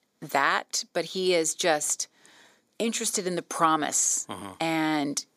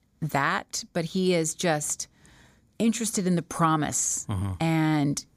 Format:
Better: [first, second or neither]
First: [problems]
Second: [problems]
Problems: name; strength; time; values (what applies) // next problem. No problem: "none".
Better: second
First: thin; somewhat; fading below 400 Hz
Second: none